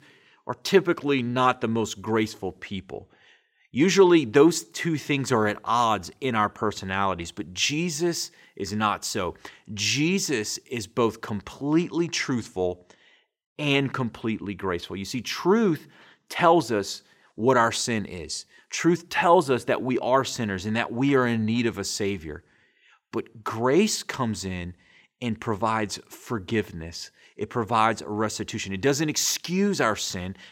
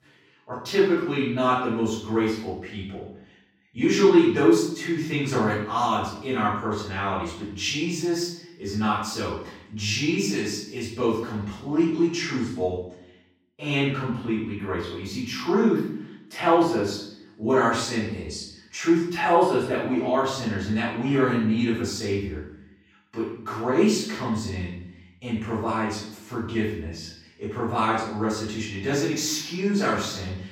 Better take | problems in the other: first | off-mic speech; far // room echo; noticeable; dies away in 0.7 s

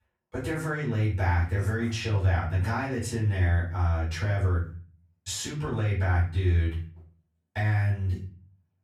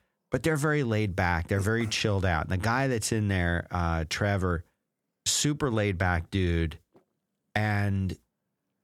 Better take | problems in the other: second | off-mic speech; far // room echo; slight; dies away in 0.4 s

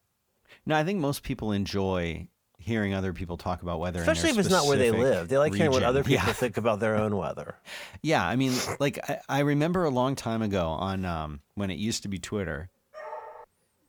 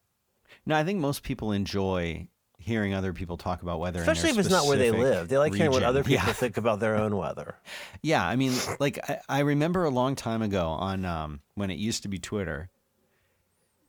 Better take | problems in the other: second | dog barking; faint; at 13 s; peak 15 dB below the speech

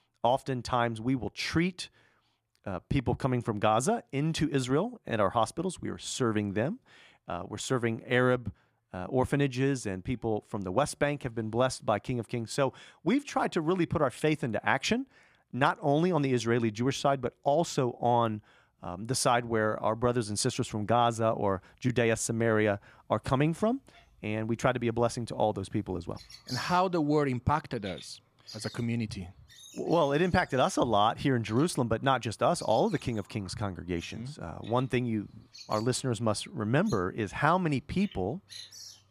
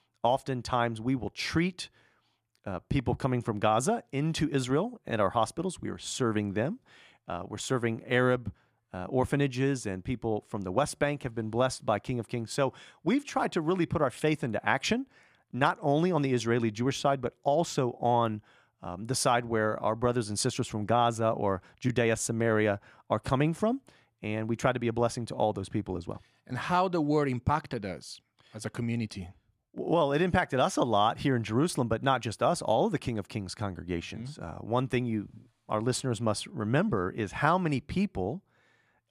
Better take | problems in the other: second | animal sounds; noticeable; throughout; 20 dB below the speech

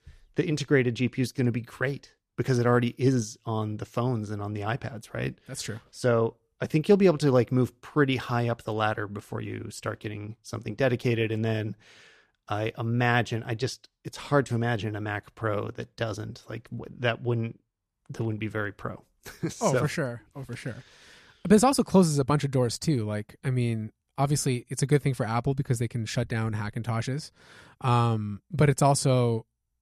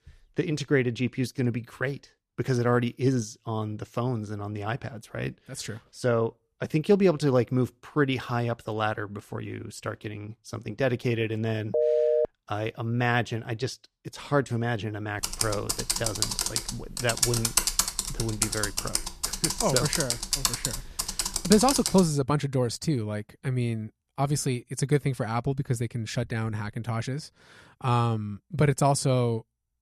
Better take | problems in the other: first | phone ringing; loud; at 12 s; peak 5 dB above the speech // keyboard typing; loud; from 15 to 22 s; peak 5 dB above the speech

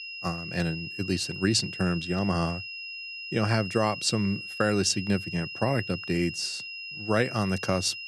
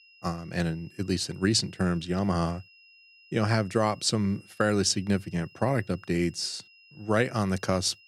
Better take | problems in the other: second | high-pitched whine; loud; throughout; 2.5 kHz, 8 dB below the speech; faint in the second

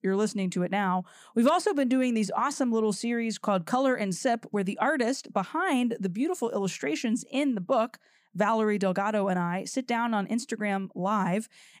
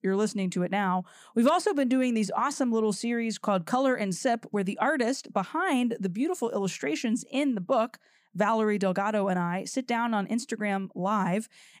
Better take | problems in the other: neither | none

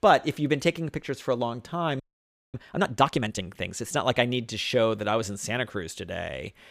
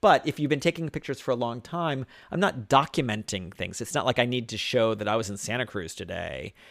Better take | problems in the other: second | audio freezing; at 2 s for 0.5 s

